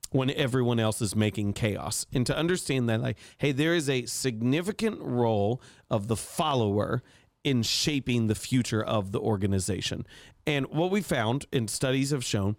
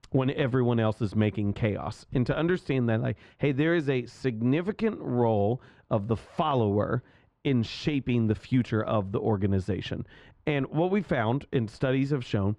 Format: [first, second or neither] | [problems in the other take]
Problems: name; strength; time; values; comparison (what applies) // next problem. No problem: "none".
first | muffled; very; fading above 2 kHz